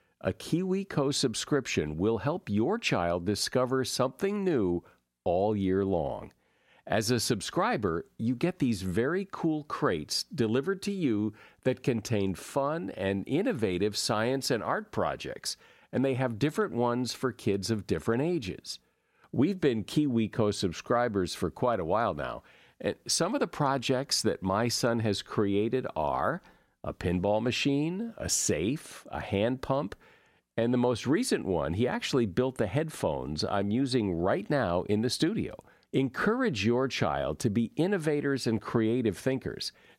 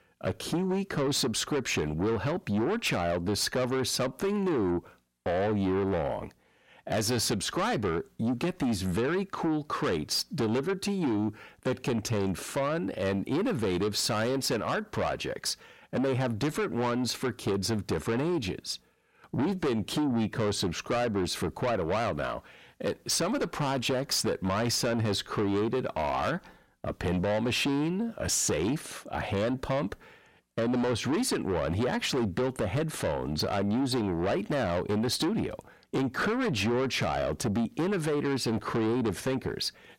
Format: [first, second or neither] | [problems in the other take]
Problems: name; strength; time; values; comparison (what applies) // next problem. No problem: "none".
first | distortion; heavy; 7 dB below the speech